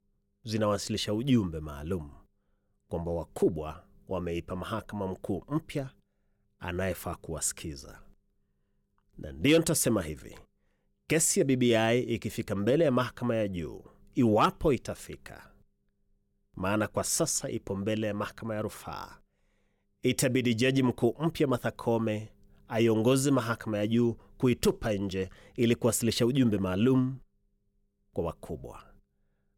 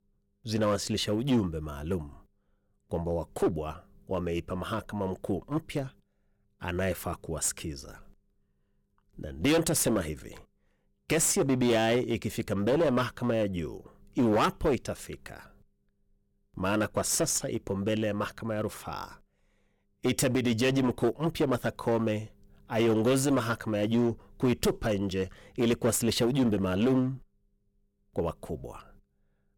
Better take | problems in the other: first | distortion; slight; 6% of the sound clipped

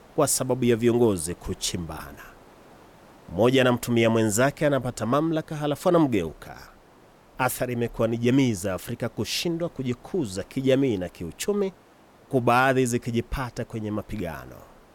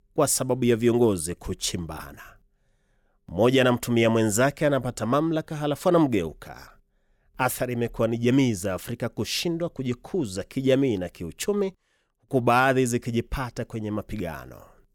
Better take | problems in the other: second | hiss; faint; throughout; 30 dB below the speech

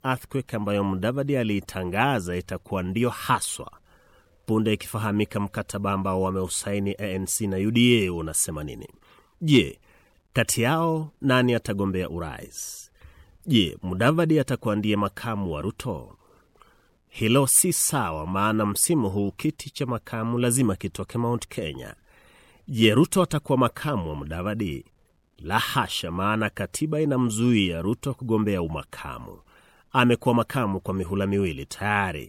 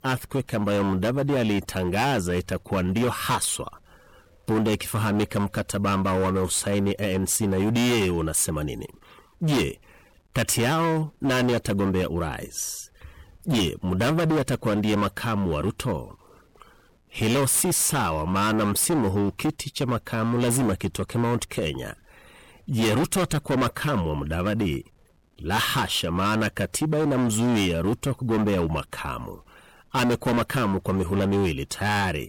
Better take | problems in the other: first | distortion; heavy; 18% of the sound clipped

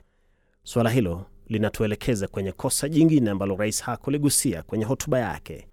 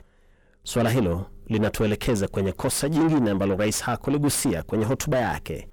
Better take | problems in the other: first | distortion; heavy; 7 dB below the speech

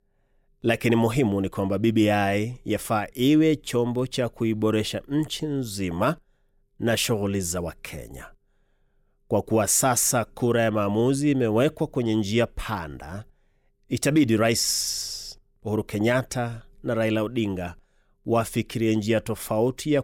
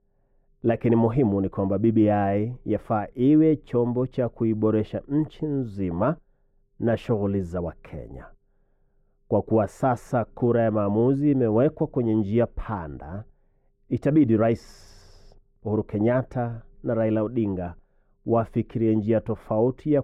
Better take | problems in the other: first | muffled; very; fading above 2.5 kHz

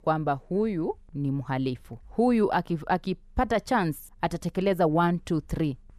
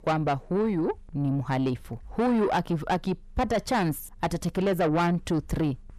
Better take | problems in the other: first | distortion; slight; 10 dB below the speech

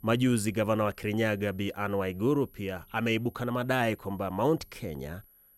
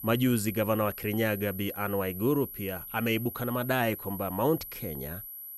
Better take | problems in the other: first | high-pitched whine; loud; throughout; 12 kHz, 10 dB below the speech; faint in the first

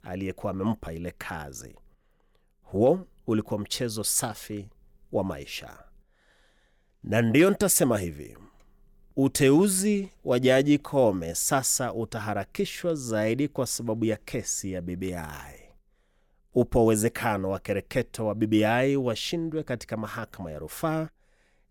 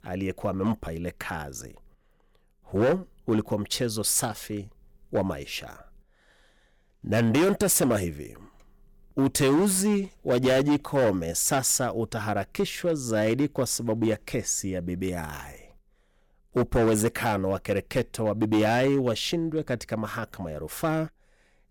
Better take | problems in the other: first | distortion; slight; 6% of the sound clipped

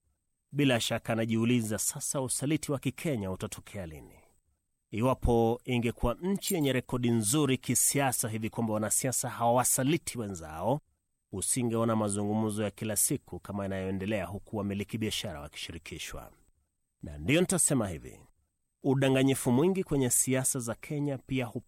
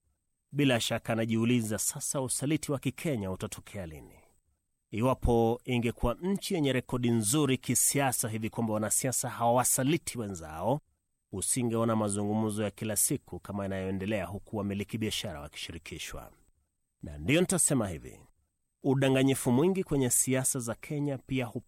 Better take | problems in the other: second | jangling keys; noticeable; at 6.5 s; peak 8 dB below the speech

